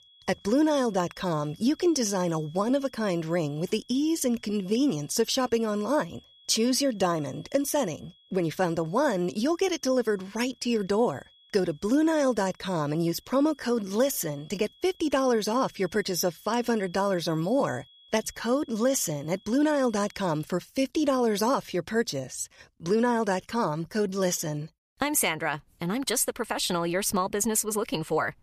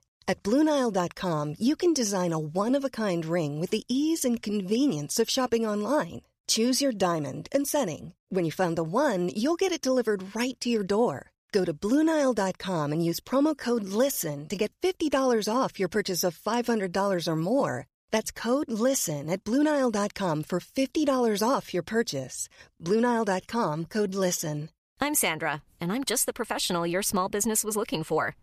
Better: second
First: high-pitched whine; faint; until 20 s; 3.5 kHz, 30 dB below the speech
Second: none

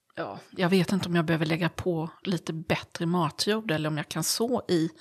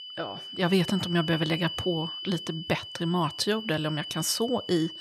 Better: first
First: none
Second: high-pitched whine; loud; throughout; 3 kHz, 8 dB below the speech

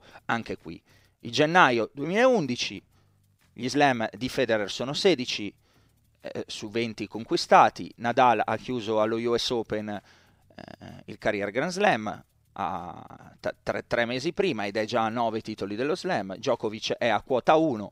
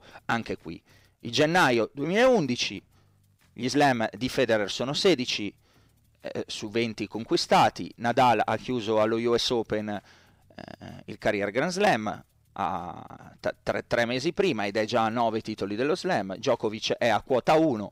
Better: first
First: none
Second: distortion; slight; 2% of the sound clipped

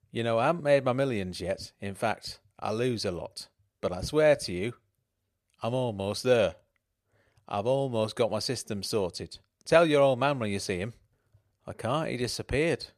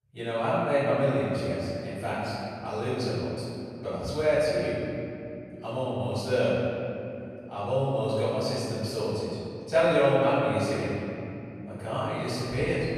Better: first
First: none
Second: room echo; strong; dies away in 3 s // off-mic speech; far

